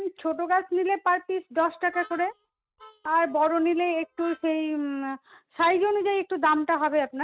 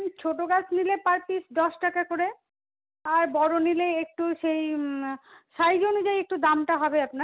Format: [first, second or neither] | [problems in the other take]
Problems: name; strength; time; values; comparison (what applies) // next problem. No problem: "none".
second | noise reduction (neural mask model RNNoise)